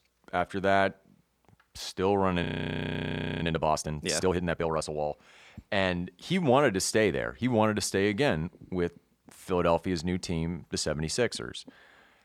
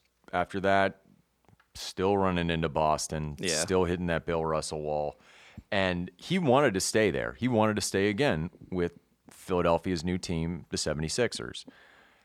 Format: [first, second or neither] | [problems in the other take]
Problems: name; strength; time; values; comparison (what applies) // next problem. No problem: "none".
second | audio freezing; at 2.5 s for 1 s